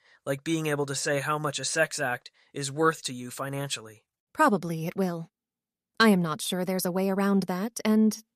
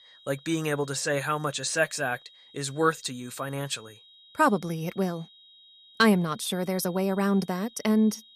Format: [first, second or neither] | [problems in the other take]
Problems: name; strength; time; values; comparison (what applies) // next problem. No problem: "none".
first | high-pitched whine; faint; throughout; 4 kHz, 25 dB below the speech